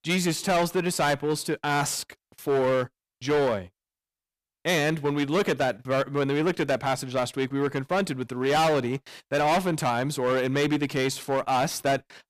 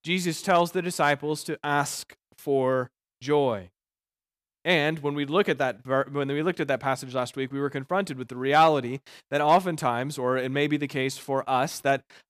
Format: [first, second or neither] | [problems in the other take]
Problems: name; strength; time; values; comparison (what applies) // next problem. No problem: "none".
second | distortion; heavy; 12% of the sound clipped